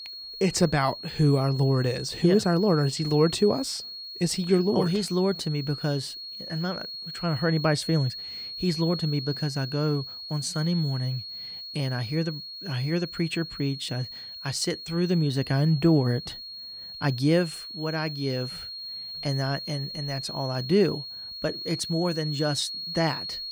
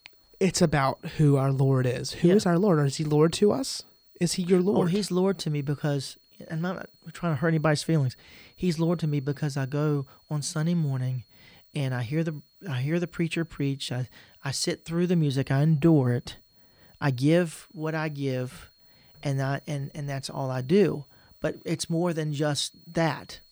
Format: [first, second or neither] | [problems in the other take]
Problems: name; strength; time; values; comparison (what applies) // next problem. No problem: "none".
second | high-pitched whine; loud; throughout; 4.5 kHz, 8 dB below the speech; faint in the second